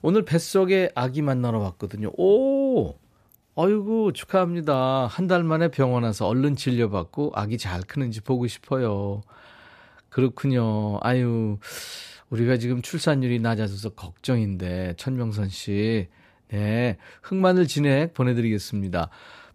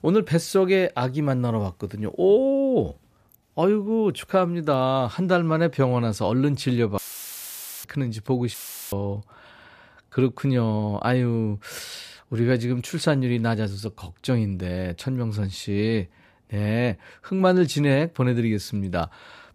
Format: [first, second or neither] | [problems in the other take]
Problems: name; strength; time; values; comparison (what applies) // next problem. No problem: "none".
first | audio cutting out; filled with static; at 7 s for 1 s and at 8.5 s